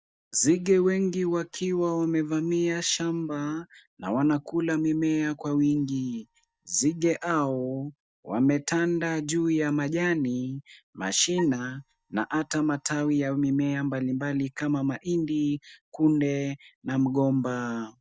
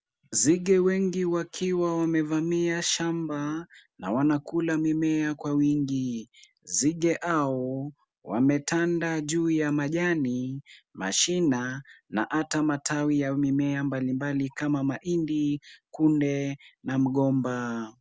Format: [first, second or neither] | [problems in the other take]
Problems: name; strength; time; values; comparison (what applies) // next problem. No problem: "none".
second | noise reduction (neural mask model DeepFilterNet 3)